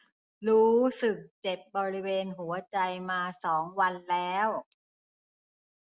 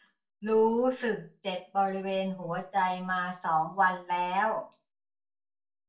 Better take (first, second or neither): first